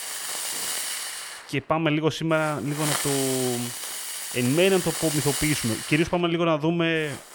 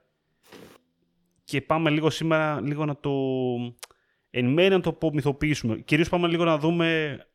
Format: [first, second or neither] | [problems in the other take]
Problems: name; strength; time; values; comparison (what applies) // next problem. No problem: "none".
second | hiss; loud; throughout; 4 dB below the speech